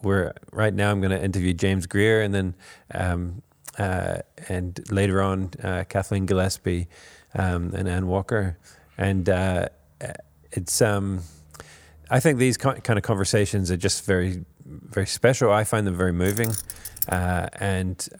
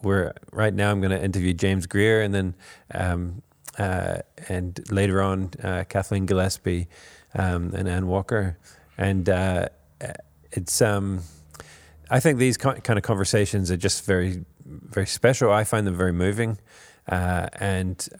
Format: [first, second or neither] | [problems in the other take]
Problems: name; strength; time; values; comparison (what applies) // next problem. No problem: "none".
second | jangling keys; noticeable; at 16 s; peak 4 dB below the speech